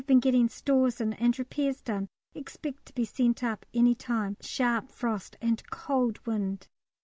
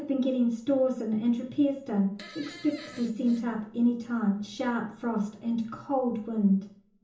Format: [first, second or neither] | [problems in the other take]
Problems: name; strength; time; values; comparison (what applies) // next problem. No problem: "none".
first | background sound (Fart); 17 dB below the speech // room echo; dies away in 1.2 s